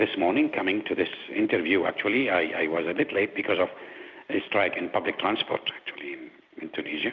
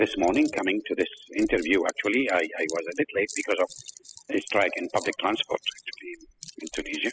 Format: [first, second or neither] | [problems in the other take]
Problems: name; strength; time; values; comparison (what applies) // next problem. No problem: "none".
first | noise reduction (classical method spectral subtraction)